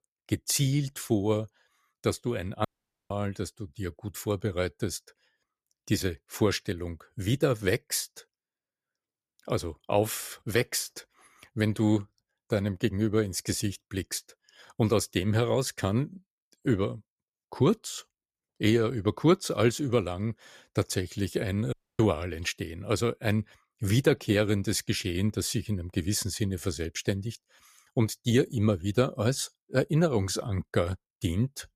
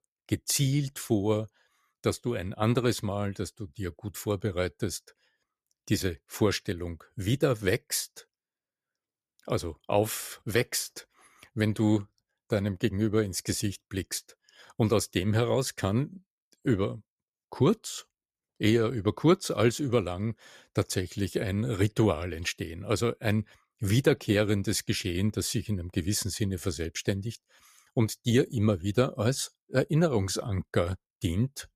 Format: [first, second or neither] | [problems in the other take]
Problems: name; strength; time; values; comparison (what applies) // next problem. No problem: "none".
second | audio cutting out; at 2.5 s and at 22 s